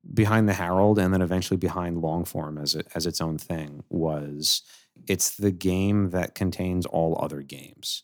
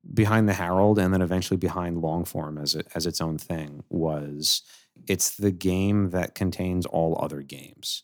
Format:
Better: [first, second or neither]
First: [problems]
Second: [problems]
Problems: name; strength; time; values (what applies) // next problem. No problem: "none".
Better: neither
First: none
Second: none